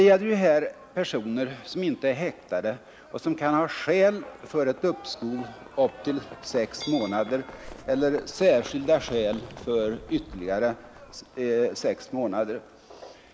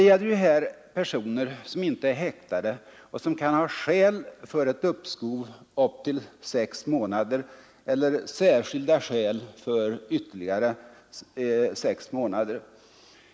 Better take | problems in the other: second | background sound (Zipper (clothing) + Livestock, farm animals, working animals); 19 dB below the speech

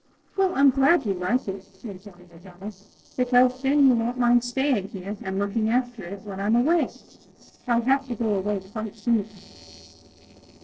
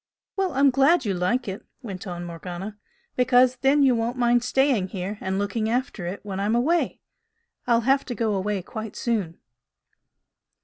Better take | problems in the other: second | noise reduction (neural separator model SepFormer DNS4)

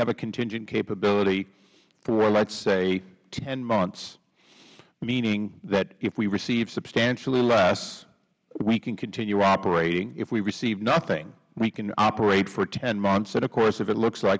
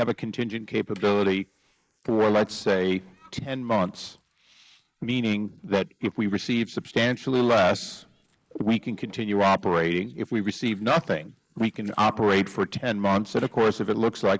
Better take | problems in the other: first | noise reduction (neural mask model Resemble Enhance denoiser)

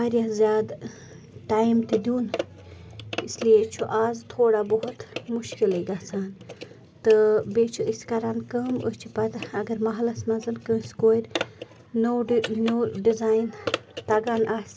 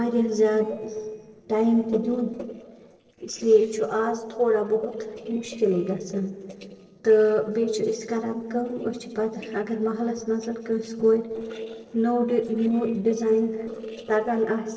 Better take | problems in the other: first | noise reduction (neural separator model SepFormer DNS4)

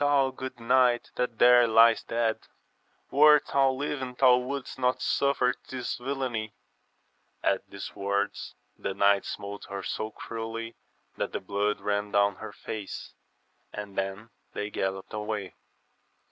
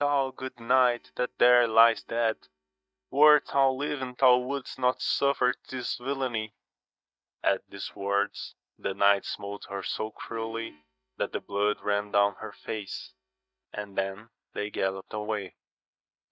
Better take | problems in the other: first | noise reduction (neural mask model DeepFilterNet 3)

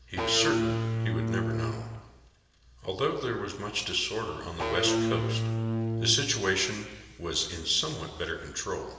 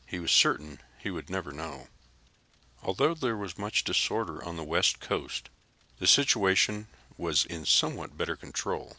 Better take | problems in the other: second | background sound (Electric guitar / Bass guitar); 2 dB above the speech // room echo; dies away in 1.4 s

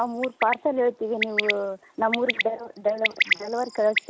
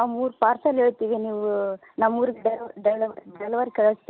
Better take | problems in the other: second | background sound (Bird); 4 dB below the speech

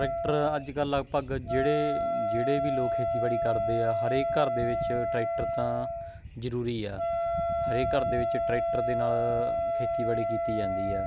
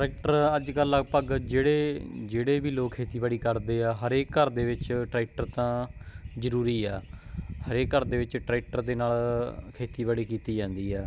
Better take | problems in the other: second | background sound (Wind instrument, woodwind instrument); 2 dB above the speech

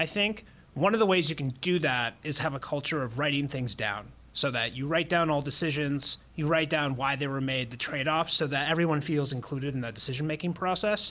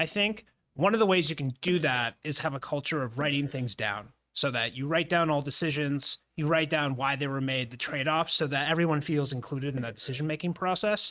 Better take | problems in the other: first | noise reduction (neural mask model RNNoise)

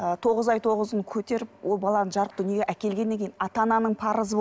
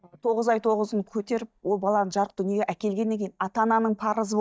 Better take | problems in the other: first | noise reduction (neural mask model DeepFilterNet 3)

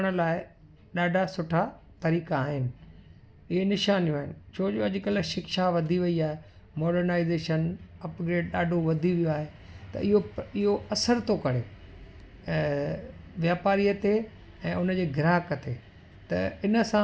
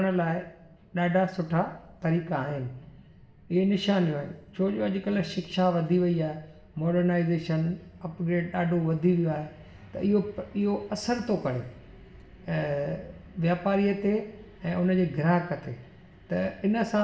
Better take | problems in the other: first | room echo; dies away in 1.1 s

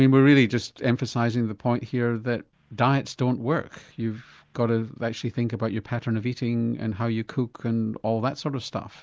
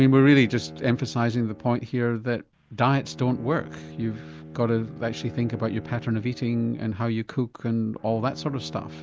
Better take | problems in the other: first | background sound (Bowed string instrument); 17 dB below the speech

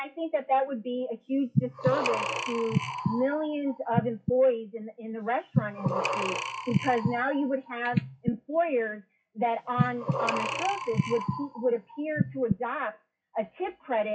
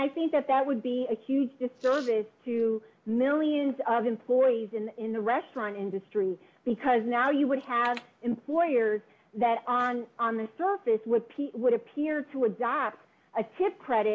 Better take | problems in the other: second | noise reduction (classical method WPE with log-MMSE)

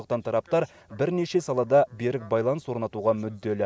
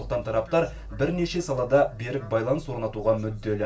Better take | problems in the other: first | background sound (Idling / Engine starting / Motor vehicle (road)); 17 dB below the speech // room echo; dies away in 0.2 s

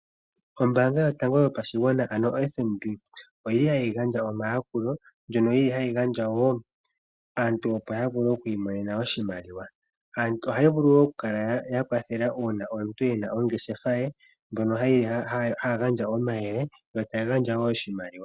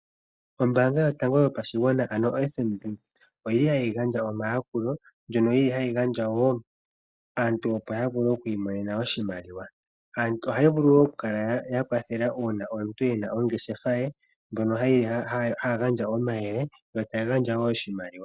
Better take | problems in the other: first | noise reduction (neural mask model DeepFilterNet 3)

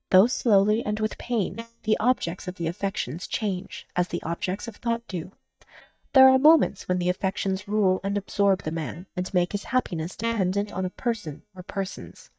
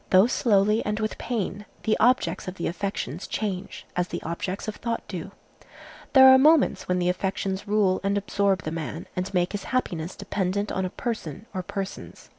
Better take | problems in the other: second | noise reduction (neural mask model DeepFilterNet 3)

